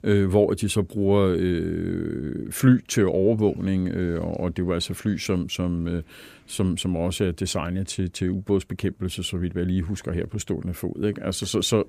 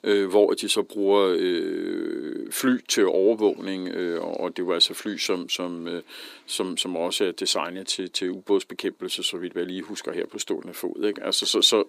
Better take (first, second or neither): first